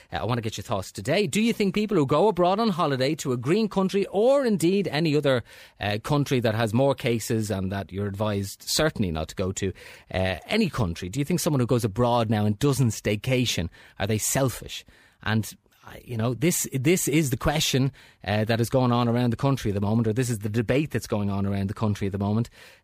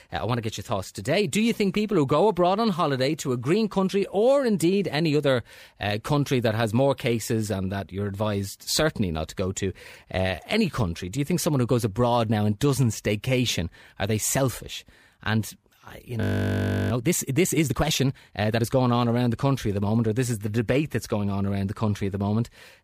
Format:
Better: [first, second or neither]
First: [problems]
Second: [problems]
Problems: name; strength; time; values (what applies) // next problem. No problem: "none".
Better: first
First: none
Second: audio freezing; at 16 s for 0.5 s